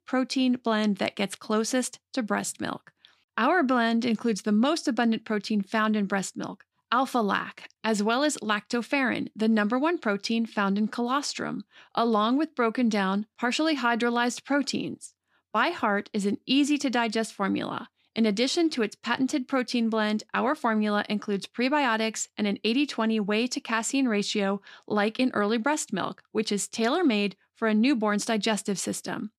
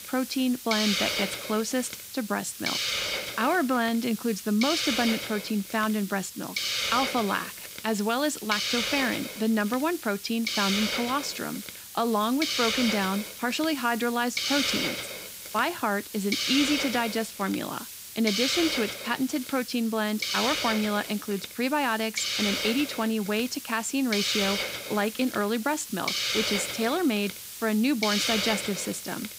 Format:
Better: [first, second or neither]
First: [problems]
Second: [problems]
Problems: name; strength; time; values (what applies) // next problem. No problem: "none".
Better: first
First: none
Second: hiss; loud; throughout; 2 dB below the speech